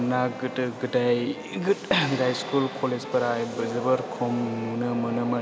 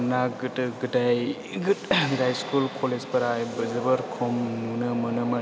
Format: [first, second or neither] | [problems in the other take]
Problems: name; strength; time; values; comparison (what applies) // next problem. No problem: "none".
second | background sound (Wind instrument, woodwind instrument); 18 dB below the speech